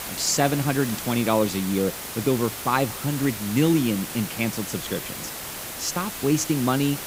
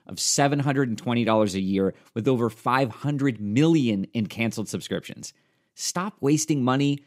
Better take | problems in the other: second | hiss; loud; throughout; 7 dB below the speech

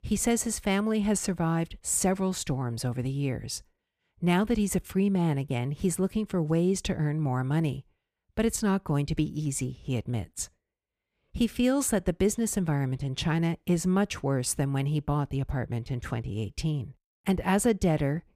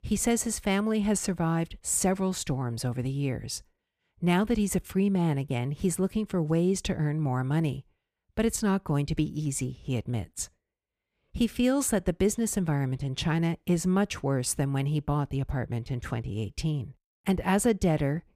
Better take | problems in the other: neither | none

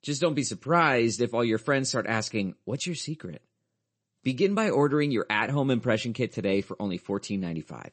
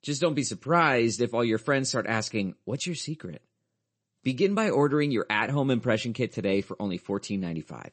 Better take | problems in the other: neither | garbled, watery; slightly; nothing above 8 kHz; the same in both

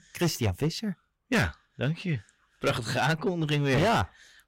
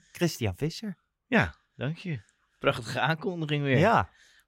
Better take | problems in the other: second | distortion; heavy; 8% of the sound clipped

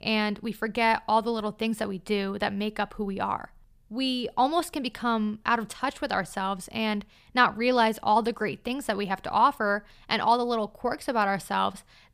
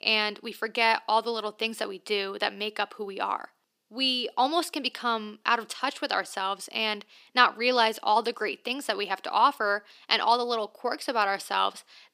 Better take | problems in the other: first | thin; somewhat; fading below 300 Hz

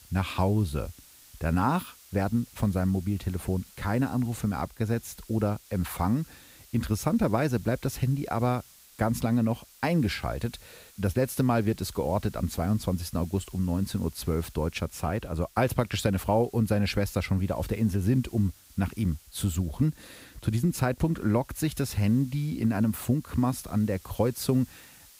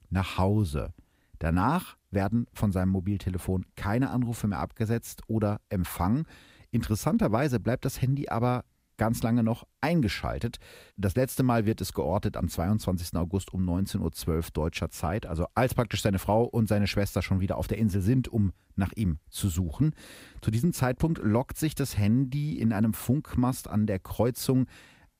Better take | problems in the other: second | hiss; faint; throughout; 25 dB below the speech

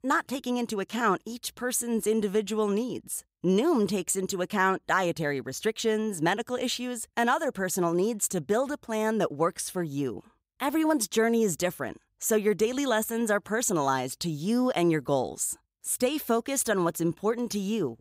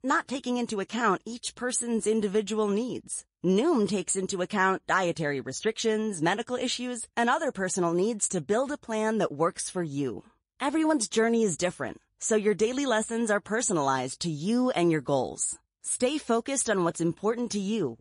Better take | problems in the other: first | garbled, watery; slightly; nothing above 10.5 kHz

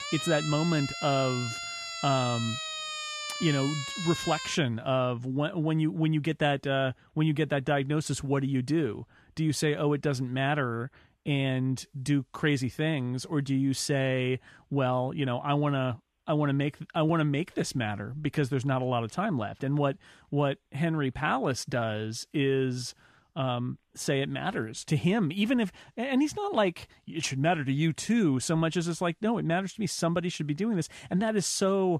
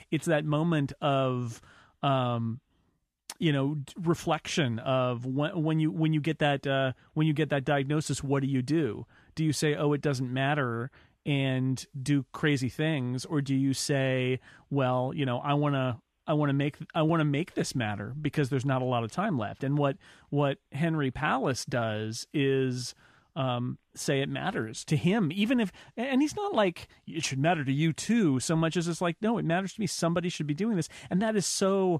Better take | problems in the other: second | siren; noticeable; until 4.5 s; peak 4 dB below the speech

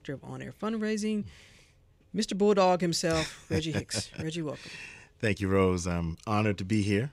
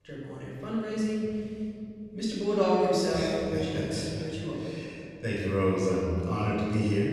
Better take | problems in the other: first | room echo; strong; dies away in 2.7 s // off-mic speech; far

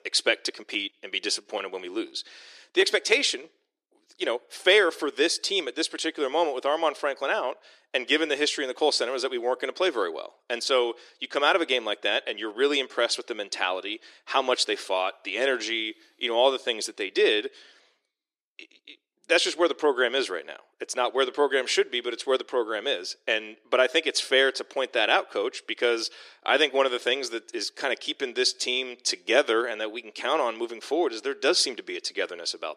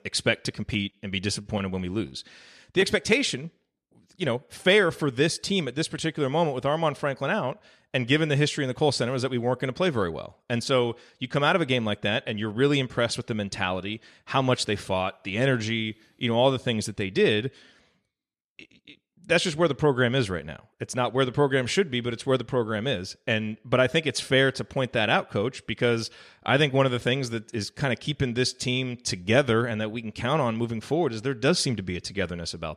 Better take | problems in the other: second | thin; very; fading below 350 Hz

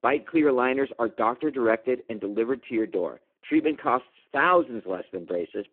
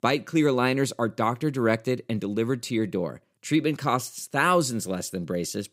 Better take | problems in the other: second | phone-call audio; poor line

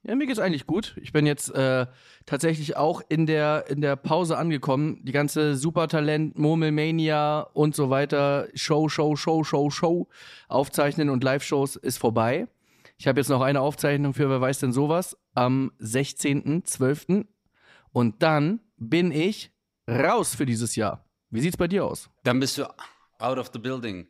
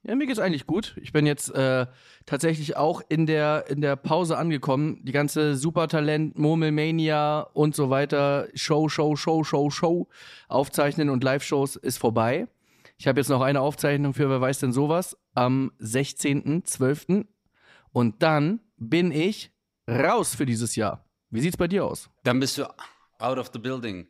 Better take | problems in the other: neither | none

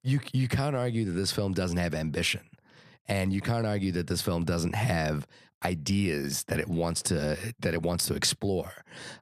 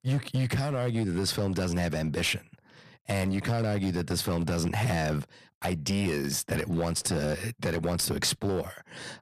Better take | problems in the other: first | distortion; slight; 11% of the sound clipped

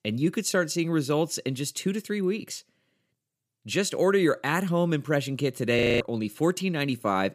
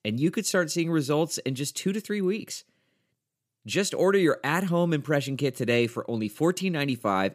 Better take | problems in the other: second | audio freezing; at 6 s

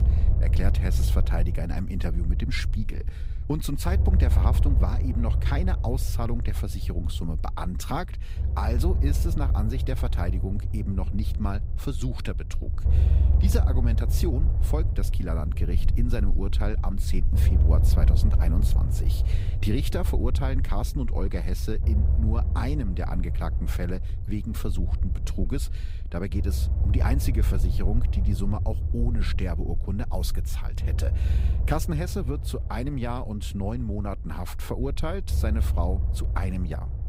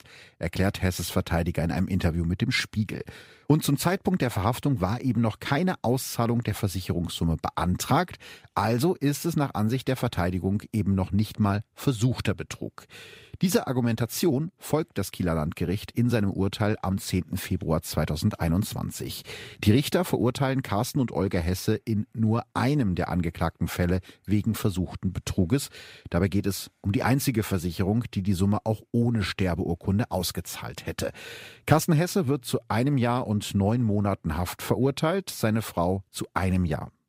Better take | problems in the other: second | low rumble; loud; throughout; 8 dB below the speech

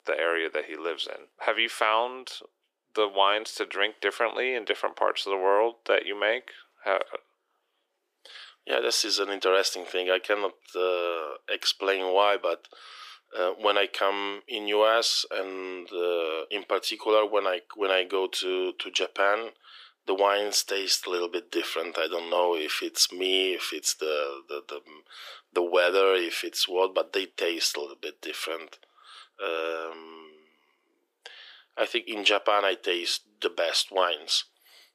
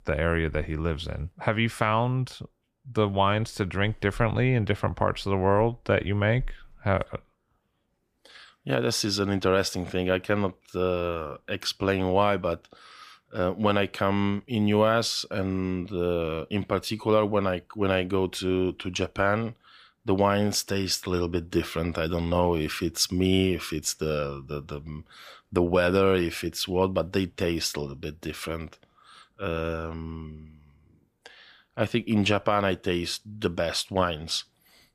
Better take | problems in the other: second | thin; very; fading below 350 Hz

